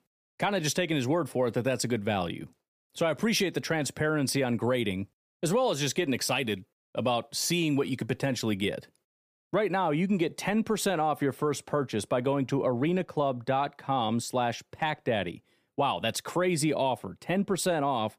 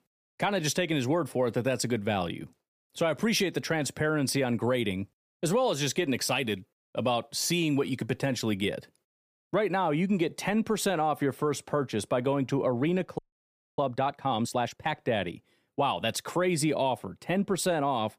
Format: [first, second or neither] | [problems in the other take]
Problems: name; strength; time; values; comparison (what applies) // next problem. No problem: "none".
first | audio freezing; at 13 s for 0.5 s